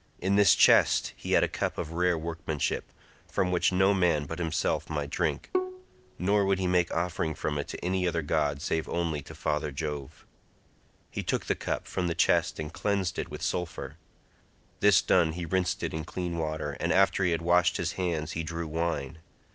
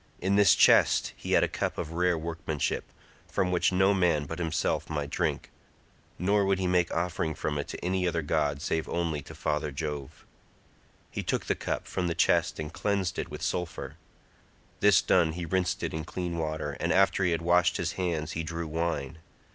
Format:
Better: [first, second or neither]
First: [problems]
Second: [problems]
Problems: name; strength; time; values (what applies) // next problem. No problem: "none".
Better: second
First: noise reduction (neural separator model SepFormer DNS4)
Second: none